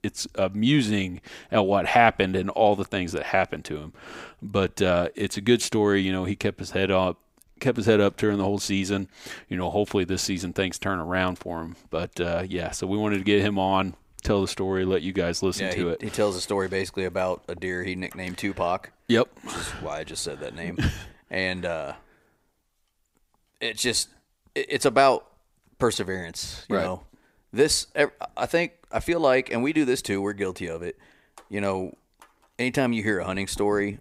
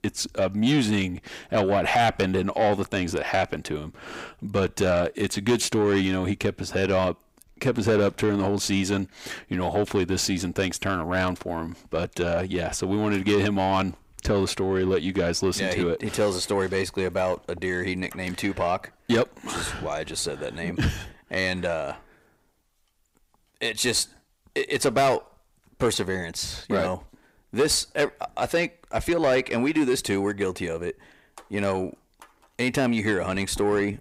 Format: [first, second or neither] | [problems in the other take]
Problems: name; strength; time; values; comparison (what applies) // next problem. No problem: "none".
first | distortion; slight; 10 dB below the speech